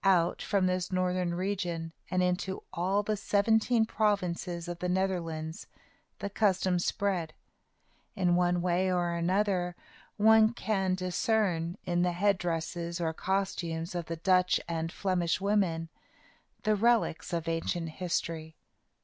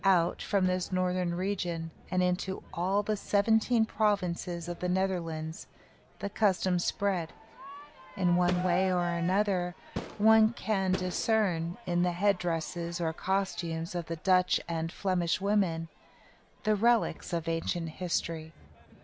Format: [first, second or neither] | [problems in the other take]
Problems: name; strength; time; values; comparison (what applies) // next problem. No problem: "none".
first | background sound (Crowd / Fireworks); 17 dB below the speech